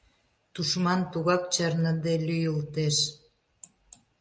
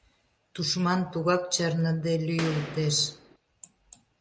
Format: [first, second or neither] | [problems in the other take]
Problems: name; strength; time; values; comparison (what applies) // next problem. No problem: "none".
first | background sound (Boom); 10 dB below the speech